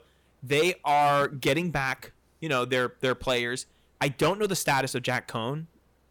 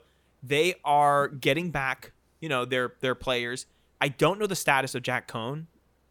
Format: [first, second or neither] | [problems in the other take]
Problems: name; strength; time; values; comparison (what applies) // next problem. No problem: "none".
second | distortion; slight; 5% of the sound clipped